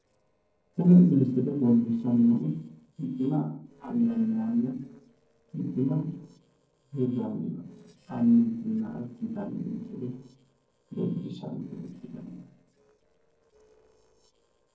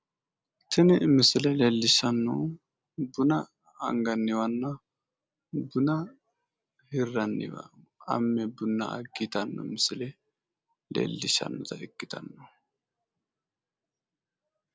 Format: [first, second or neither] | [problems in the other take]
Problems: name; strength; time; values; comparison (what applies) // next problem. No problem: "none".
second | noise reduction (neural separator model SepFormer DNS4)